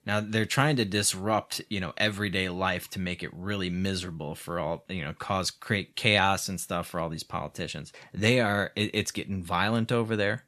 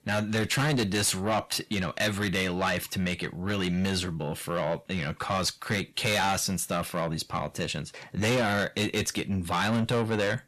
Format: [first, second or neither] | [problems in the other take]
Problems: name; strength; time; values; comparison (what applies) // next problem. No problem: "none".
first | distortion; heavy; 6 dB below the speech